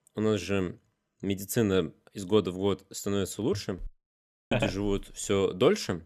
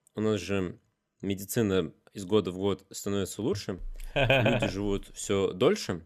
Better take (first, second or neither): second